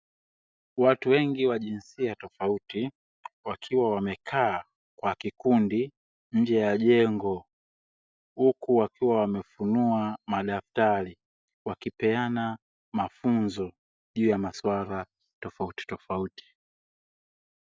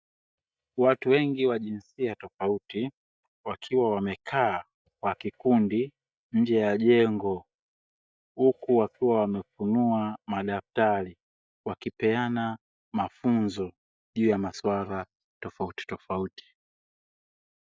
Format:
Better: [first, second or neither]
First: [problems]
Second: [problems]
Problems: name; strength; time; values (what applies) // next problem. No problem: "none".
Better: first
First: none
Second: noise reduction (neural mask model DeepFilterNet 3)